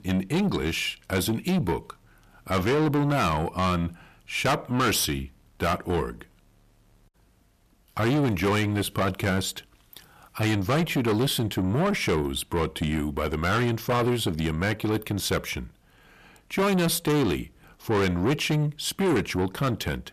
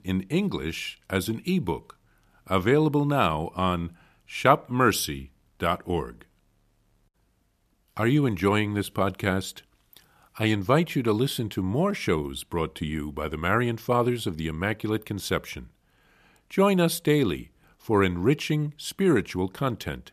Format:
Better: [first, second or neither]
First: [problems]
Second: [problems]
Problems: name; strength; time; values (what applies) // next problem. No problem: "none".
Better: second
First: distortion; heavy; 6 dB below the speech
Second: none